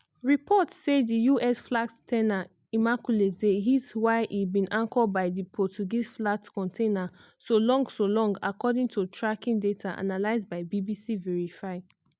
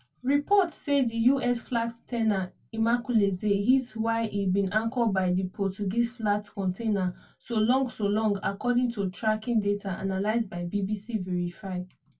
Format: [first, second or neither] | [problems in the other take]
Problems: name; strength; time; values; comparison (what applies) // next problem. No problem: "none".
first | room echo; dies away in 0.1 s